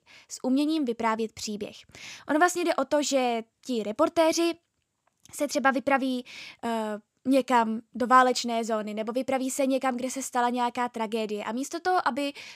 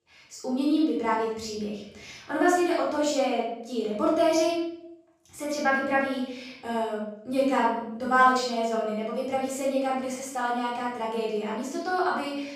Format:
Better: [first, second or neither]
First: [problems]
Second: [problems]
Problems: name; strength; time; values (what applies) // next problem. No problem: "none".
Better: first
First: none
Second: room echo; noticeable; dies away in 0.7 s // off-mic speech; far